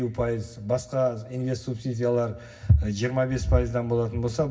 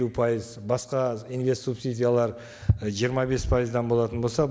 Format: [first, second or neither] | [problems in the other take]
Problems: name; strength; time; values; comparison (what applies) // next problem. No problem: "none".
second | room echo; dies away in 0.4 s